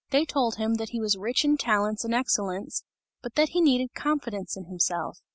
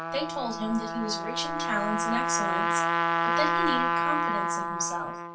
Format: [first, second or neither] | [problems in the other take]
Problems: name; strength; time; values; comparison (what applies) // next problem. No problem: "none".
first | background sound (Trumpet); 5 dB above the speech // room echo; dies away in 0.2 s